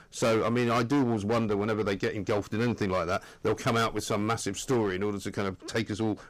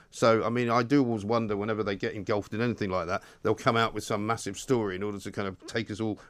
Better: second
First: distortion; heavy; 11% of the sound clipped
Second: none

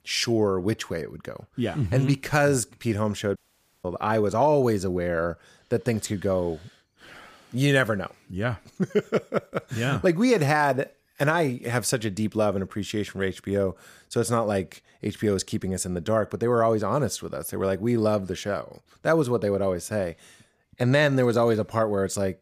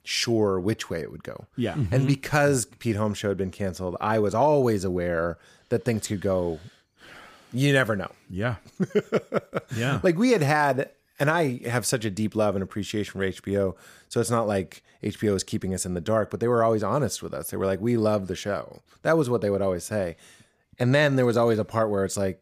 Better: second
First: audio cutting out; at 3.5 s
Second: none

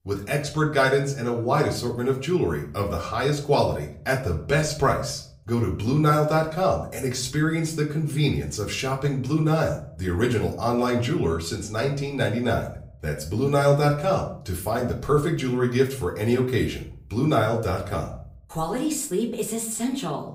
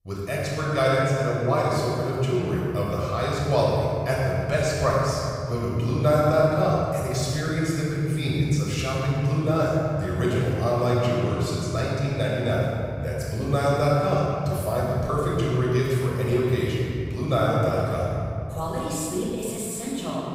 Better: first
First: room echo; slight; dies away in 0.4 s // off-mic speech; far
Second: room echo; strong; dies away in 2.7 s // off-mic speech; far

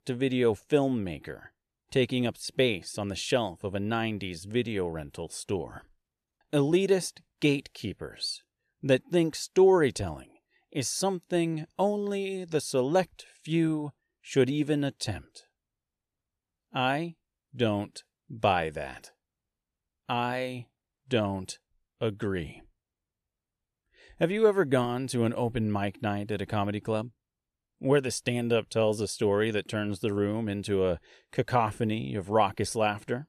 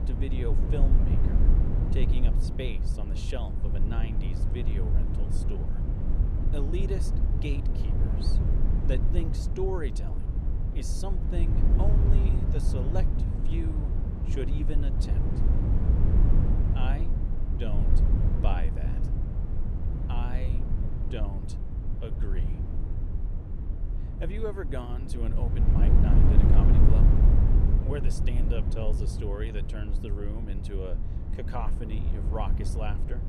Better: first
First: none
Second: low rumble; loud; throughout; 1 dB below the speech

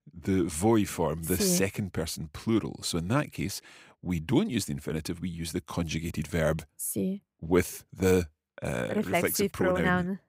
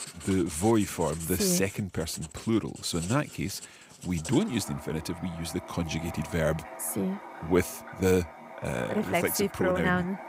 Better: first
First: none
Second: household noises; noticeable; throughout; 15 dB below the speech

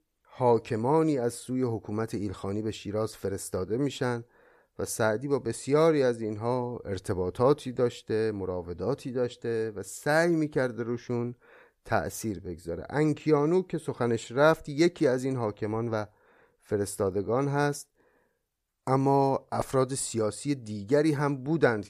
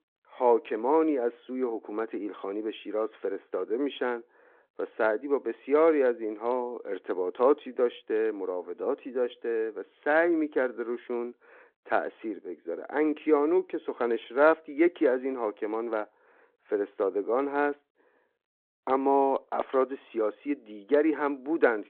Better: first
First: none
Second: phone-call audio

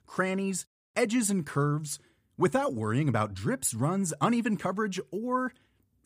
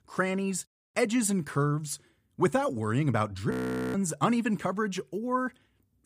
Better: first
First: none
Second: audio freezing; at 3.5 s

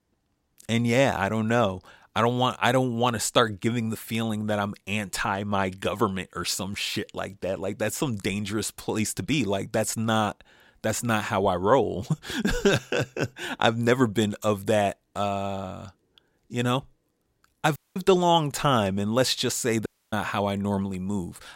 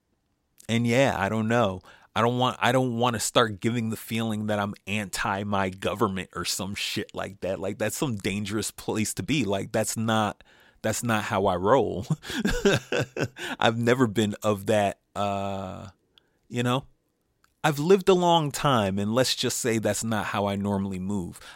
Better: second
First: audio cutting out; at 18 s and at 20 s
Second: none

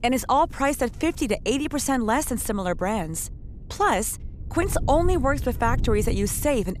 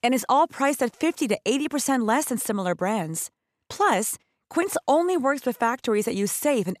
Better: second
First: wind noise on the microphone; occasional gusts; 25 dB below the speech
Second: none

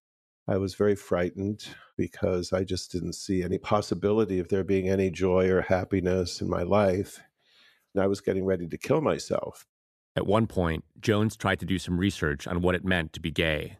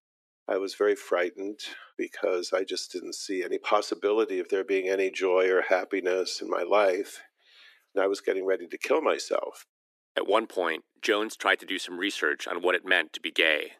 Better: first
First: none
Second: thin; somewhat; fading below 300 Hz

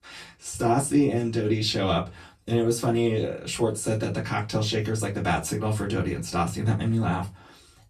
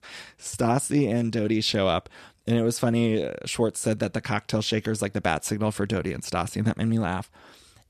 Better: second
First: off-mic speech; far // room echo; very slight; dies away in 0.2 s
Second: none

